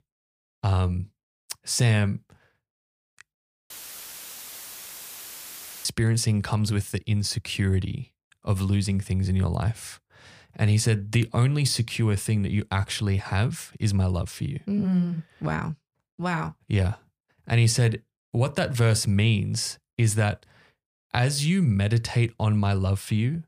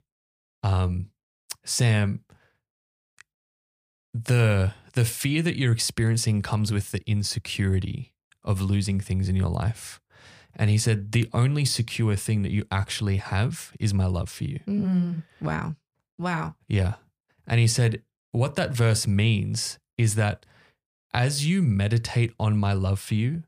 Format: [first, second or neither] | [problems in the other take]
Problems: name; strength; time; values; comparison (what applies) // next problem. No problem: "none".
second | audio cutting out; filled with static; at 3.5 s for 2 s